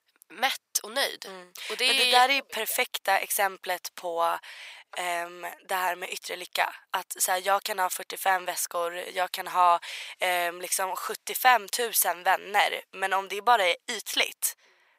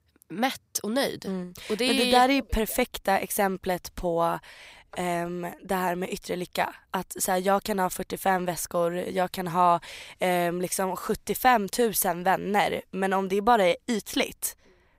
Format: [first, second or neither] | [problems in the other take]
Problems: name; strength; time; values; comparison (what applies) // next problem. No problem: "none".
second | thin; very; fading below 750 Hz